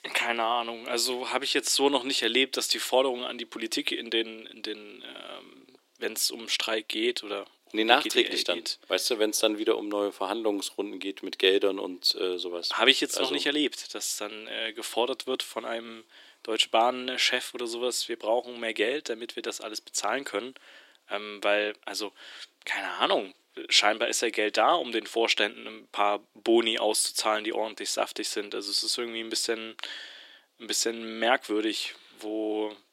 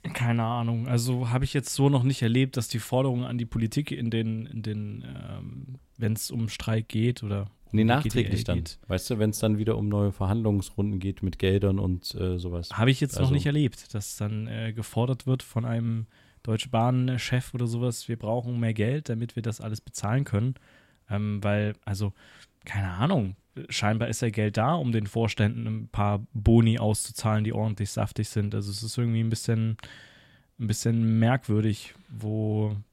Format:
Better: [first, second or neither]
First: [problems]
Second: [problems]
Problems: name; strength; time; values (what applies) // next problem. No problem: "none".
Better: second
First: thin; very; fading below 300 Hz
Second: none